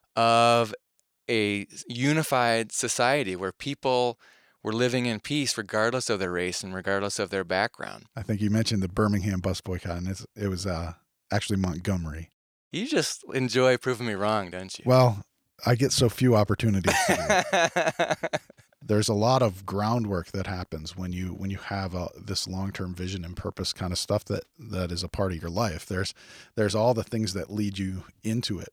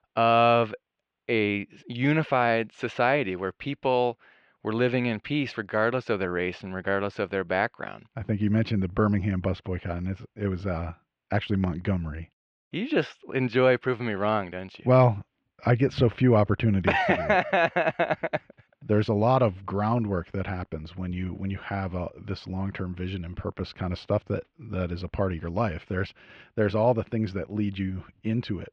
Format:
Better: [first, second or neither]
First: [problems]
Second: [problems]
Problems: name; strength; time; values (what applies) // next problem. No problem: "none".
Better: first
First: none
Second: muffled; very; fading above 3 kHz